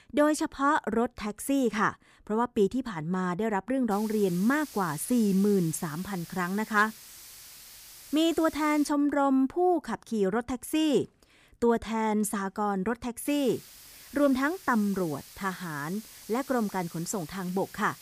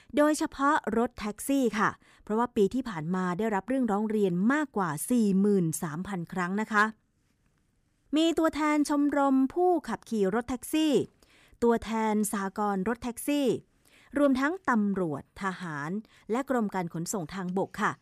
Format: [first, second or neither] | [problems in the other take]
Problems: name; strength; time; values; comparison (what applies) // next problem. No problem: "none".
second | hiss; noticeable; from 4 to 9 s and from 13 s on; 20 dB below the speech